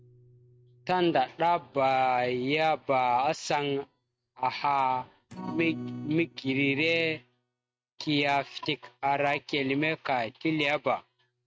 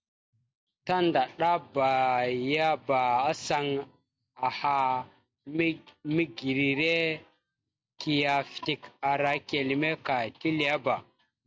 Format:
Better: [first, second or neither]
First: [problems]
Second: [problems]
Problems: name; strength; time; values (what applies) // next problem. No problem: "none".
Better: second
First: noise reduction (neural mask model RNNoise)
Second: none